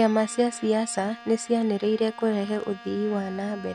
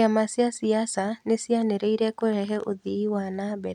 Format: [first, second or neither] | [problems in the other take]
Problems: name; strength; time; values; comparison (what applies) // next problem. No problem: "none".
second | background sound (Bowed string instrument); 19 dB below the speech